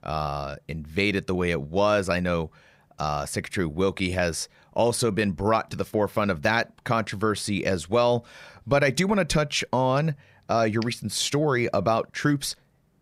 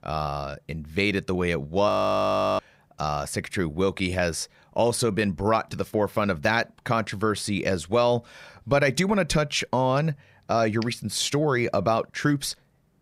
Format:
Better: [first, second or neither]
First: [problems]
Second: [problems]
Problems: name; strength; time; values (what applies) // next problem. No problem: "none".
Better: first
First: none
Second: audio freezing; at 2 s for 0.5 s